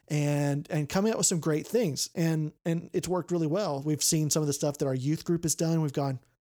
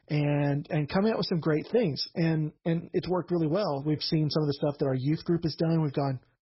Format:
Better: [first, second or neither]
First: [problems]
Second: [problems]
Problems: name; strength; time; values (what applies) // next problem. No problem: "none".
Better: first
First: none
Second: garbled, watery; badly; nothing above 5.5 kHz